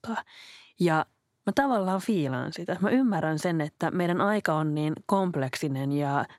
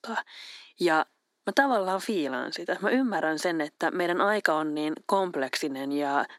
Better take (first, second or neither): first